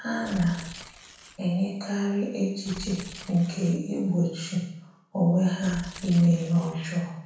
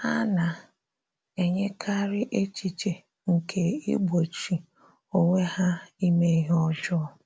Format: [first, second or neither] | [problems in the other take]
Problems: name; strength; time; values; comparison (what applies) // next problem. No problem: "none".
second | background sound (Tearing); 17 dB below the speech // room echo; dies away in 0.7 s